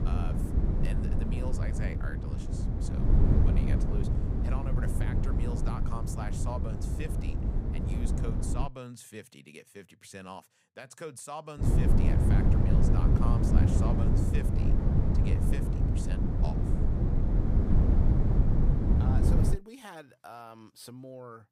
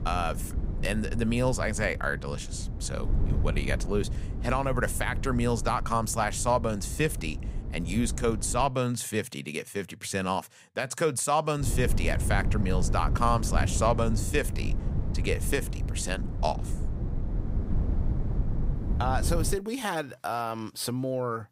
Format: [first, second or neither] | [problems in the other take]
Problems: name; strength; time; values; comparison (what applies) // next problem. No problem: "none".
second | wind noise on the microphone; heavy; until 8.5 s and from 12 to 20 s; 4 dB above the speech; occasional gusts in the second